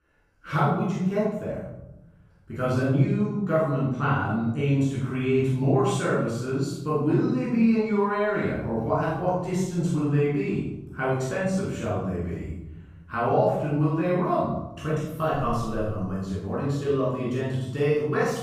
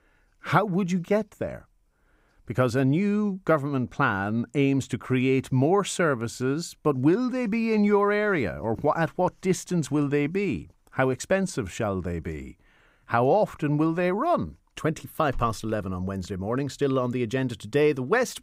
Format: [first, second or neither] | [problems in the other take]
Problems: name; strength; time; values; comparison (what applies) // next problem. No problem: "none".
second | room echo; strong; dies away in 1.1 s // off-mic speech; far